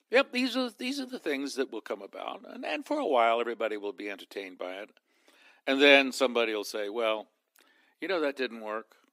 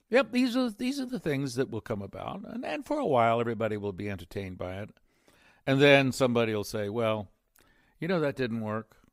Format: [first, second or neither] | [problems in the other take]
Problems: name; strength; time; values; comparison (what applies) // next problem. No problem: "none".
second | thin; very slightly; fading below 300 Hz